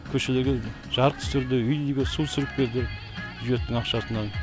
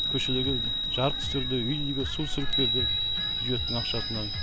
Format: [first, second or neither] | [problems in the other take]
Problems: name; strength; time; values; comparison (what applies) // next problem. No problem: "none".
first | background sound (Chime); 2 dB above the speech